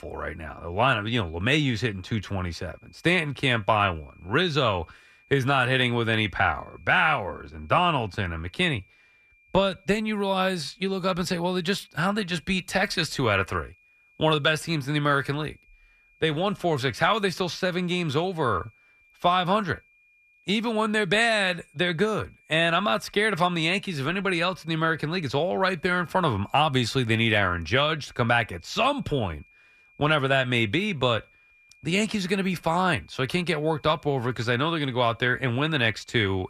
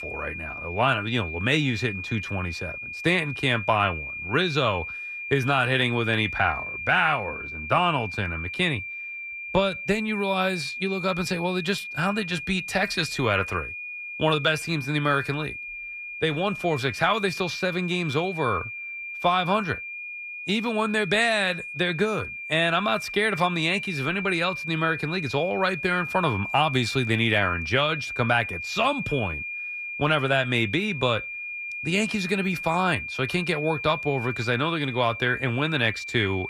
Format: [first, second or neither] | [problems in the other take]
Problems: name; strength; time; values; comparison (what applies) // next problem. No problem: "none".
first | high-pitched whine; loud; throughout; 2.5 kHz, 7 dB below the speech; faint in the first